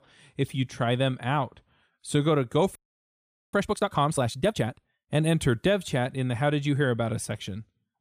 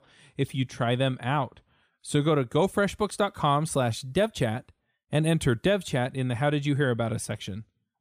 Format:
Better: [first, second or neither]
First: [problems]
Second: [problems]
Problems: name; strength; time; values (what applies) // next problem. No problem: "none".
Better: second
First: audio freezing; at 3 s for 1 s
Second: none